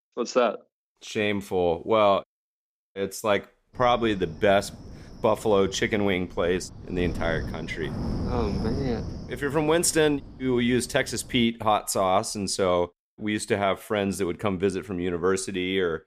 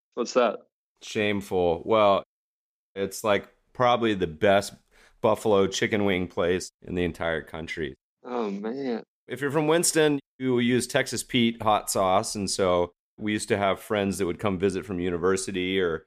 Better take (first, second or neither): second